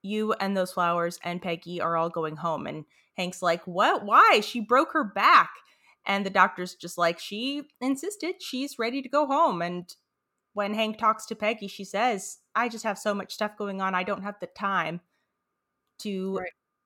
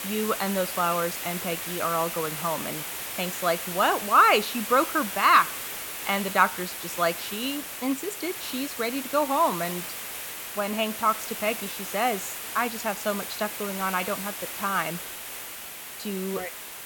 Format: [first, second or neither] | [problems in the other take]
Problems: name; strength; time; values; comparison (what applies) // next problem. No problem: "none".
first | hiss; loud; throughout; 6 dB below the speech